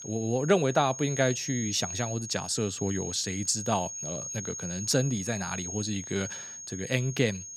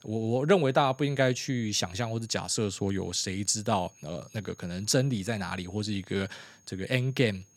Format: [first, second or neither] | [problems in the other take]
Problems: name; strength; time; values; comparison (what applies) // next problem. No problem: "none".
second | high-pitched whine; loud; throughout; 6.5 kHz, 7 dB below the speech; faint in the second